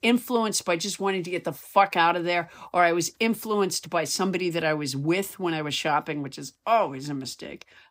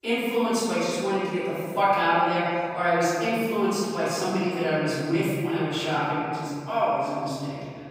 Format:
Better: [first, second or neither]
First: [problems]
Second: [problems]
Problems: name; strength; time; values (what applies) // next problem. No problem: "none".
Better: first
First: none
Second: off-mic speech; far // room echo; strong; dies away in 2.3 s